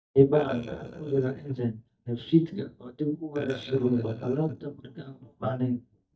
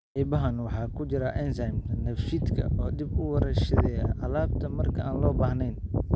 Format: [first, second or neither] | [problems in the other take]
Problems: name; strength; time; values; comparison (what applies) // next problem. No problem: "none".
second | noise reduction (neural mask model DeepFilterNet 3)